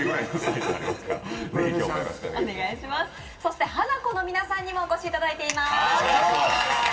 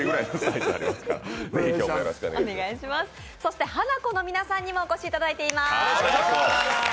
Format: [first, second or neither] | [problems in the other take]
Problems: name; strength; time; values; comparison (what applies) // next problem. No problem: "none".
second | room echo; dies away in 1.8 s